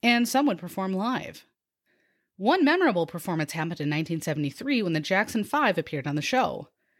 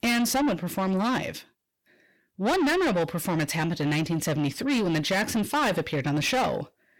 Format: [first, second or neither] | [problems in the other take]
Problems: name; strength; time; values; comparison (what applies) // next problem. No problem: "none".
first | distortion; heavy; 7 dB below the speech